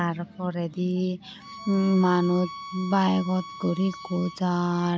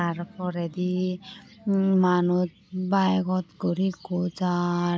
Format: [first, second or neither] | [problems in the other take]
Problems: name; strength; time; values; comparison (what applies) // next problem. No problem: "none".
second | background sound (Bowed string instrument); 15 dB below the speech